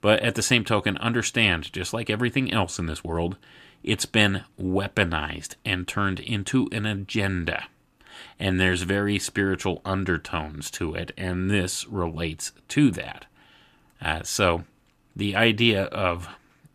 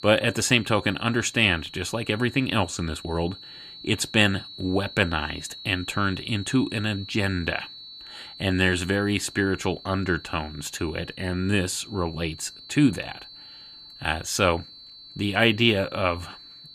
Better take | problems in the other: first | high-pitched whine; noticeable; throughout; 4 kHz, 15 dB below the speech

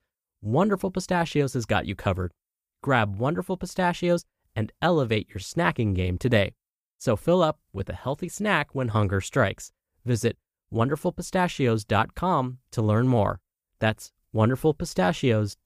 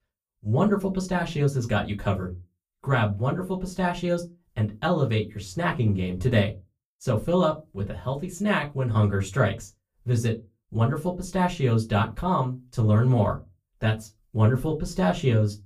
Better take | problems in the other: first | off-mic speech; far // room echo; very slight; dies away in 0.2 s

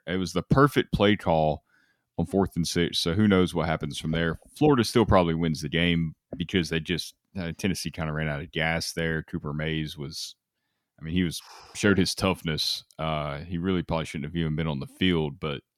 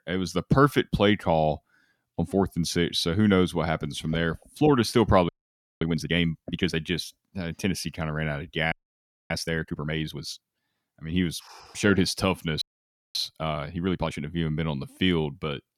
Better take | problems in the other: first | audio freezing; at 5.5 s for 0.5 s, at 8.5 s for 0.5 s and at 13 s for 0.5 s

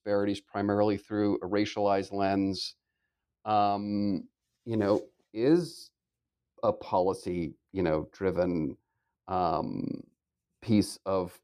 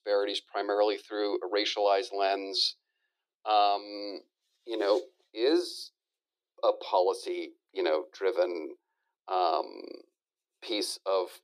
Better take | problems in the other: first | thin; very; fading below 350 Hz

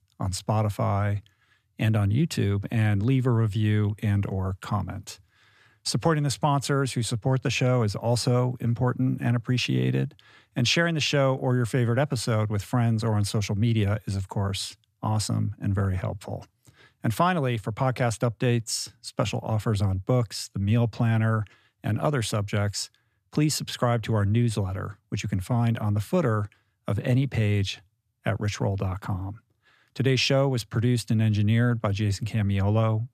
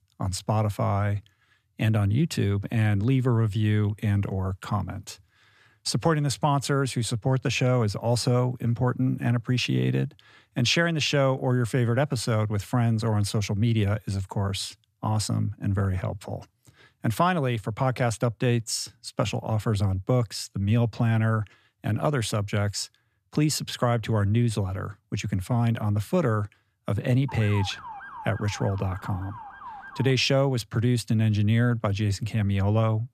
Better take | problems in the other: first | siren; faint; from 27 to 30 s; peak 10 dB below the speech

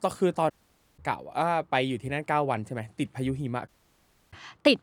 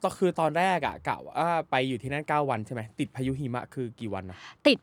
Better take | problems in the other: second | audio cutting out; at 0.5 s and at 3.5 s for 0.5 s

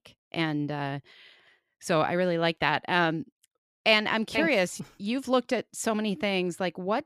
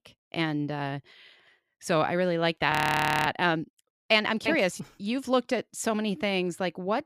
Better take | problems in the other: first | audio freezing; at 2.5 s for 0.5 s

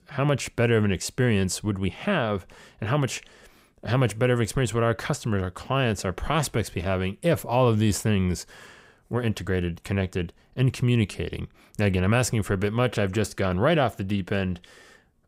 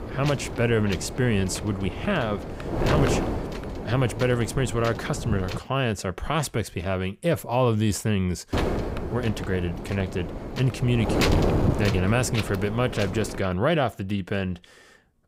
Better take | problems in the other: first | wind noise on the microphone; heavy; until 5.5 s and from 8.5 to 13 s; 4 dB below the speech

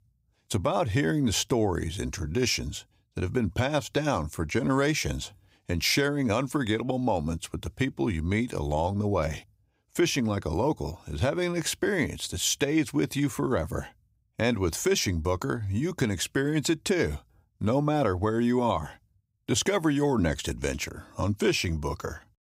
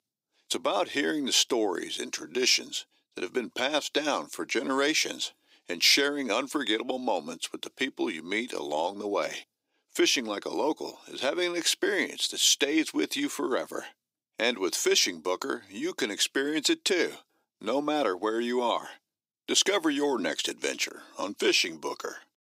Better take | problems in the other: first | thin; somewhat; fading below 300 Hz

